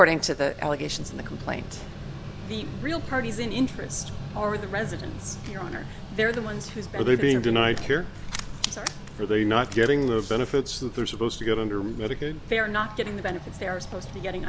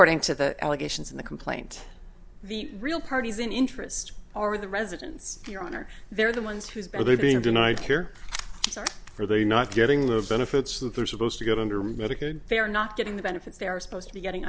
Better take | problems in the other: second | background sound (Mechanical fan); 12 dB below the speech

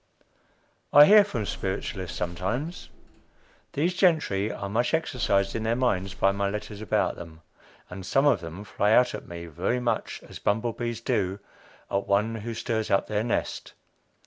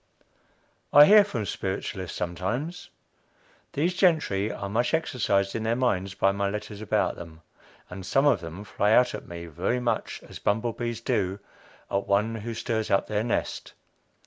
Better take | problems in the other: second | background sound (Bus / Engine); 11 dB below the speech

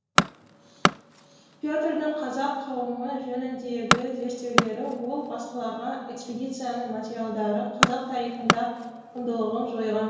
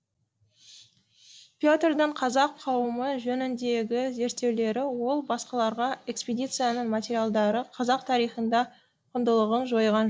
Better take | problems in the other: second | background sound (Tools); 2 dB above the speech // room echo; dies away in 1.2 s

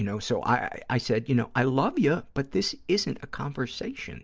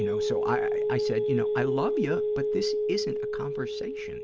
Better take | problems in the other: first | background sound (Telephone); 5 dB above the speech

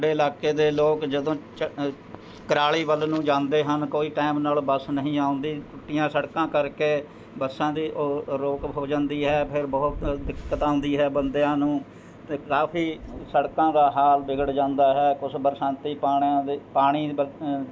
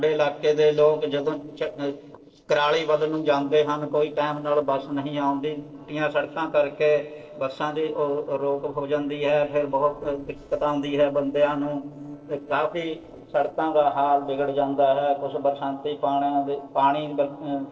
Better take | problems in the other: first | noise reduction (neural separator model SepFormer DNS4)

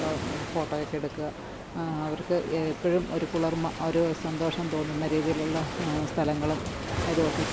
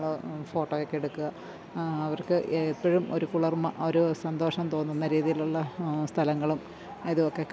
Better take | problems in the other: second | background sound (Waves, surf); 6 dB below the speech

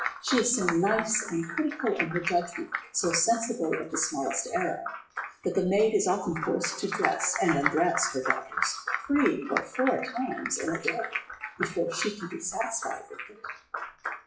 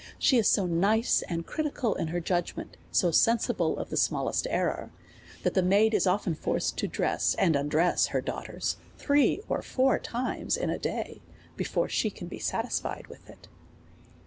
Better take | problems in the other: second | noise reduction (classical method WPE with log-MMSE)

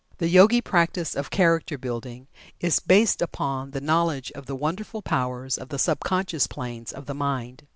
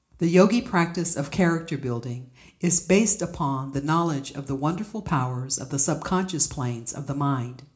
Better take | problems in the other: first | room echo; dies away in 0.4 s

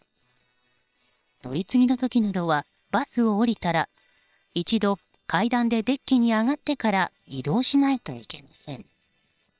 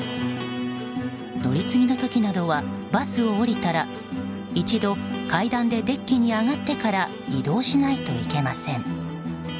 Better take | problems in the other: second | noise reduction (neural separator model SepFormer WHAM!)

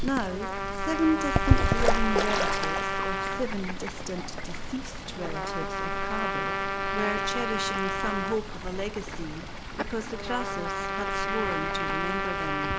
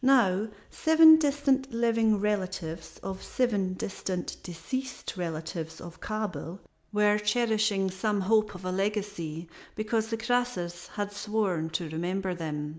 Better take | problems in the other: second | background sound (Bird / Fowl + Trumpet); 5 dB above the speech

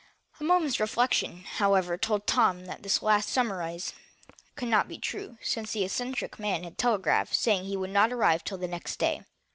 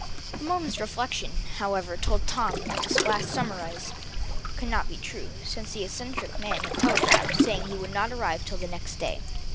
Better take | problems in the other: first | background sound (Waves, surf); 3 dB above the speech

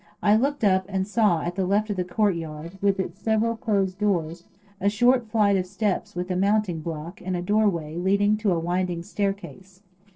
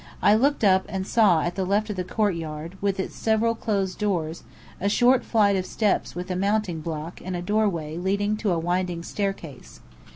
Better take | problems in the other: second | noise reduction (neural separator model SepFormer DNS4)

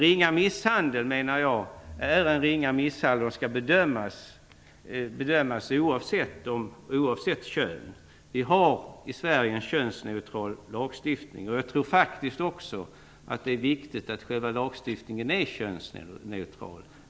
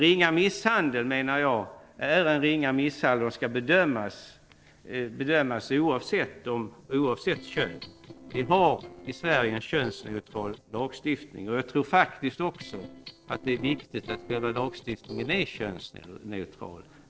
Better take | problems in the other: first | noise reduction (neural separator model SepFormer DNS4)

